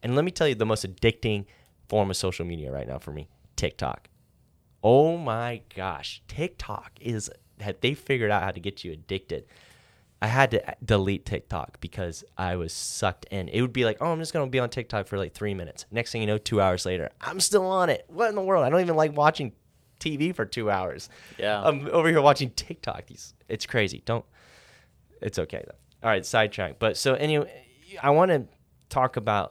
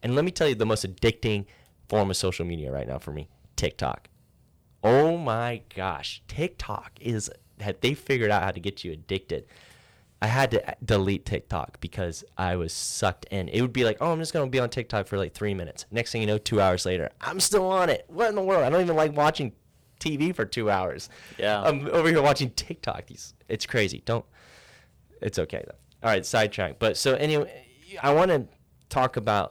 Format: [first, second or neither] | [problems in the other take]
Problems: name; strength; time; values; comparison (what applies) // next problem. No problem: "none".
first | distortion; slight; 3% of the sound clipped